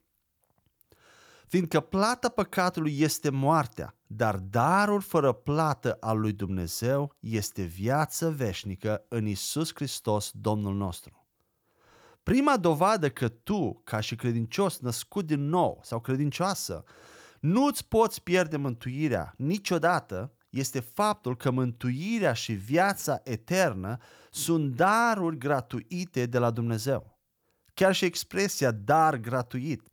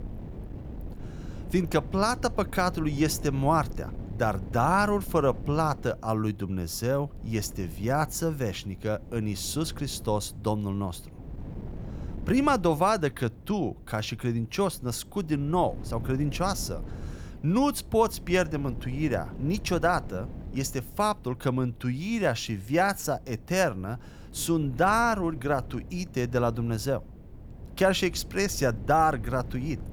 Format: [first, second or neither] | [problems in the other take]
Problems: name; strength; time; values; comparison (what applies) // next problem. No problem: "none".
first | wind noise on the microphone; occasional gusts; 20 dB below the speech